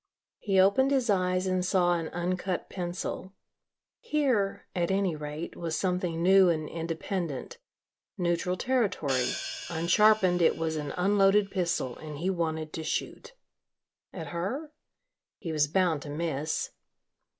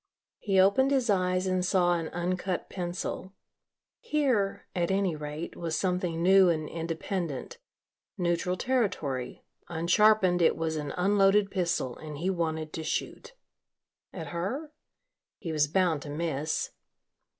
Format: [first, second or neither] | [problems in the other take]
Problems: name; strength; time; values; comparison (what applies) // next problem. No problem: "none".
second | background sound (Hi-hat); 12 dB below the speech